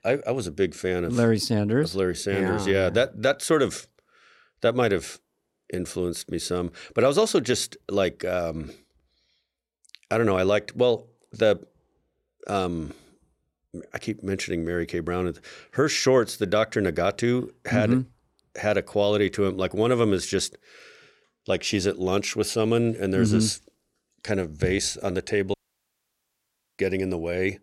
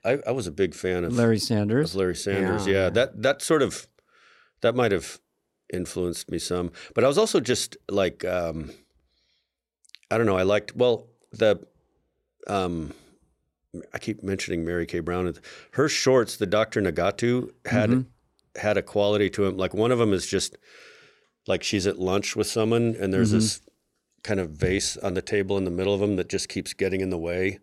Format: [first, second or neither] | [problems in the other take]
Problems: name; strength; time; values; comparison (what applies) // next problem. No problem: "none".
second | audio cutting out; at 26 s for 1 s